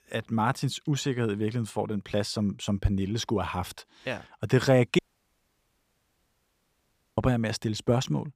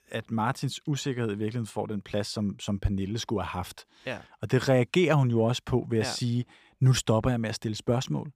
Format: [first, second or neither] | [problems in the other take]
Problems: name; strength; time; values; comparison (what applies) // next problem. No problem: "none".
second | audio cutting out; at 5 s for 2 s